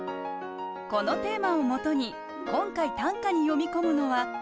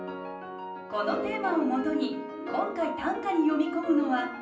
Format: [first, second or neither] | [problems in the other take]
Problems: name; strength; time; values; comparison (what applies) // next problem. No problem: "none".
first | room echo; dies away in 0.6 s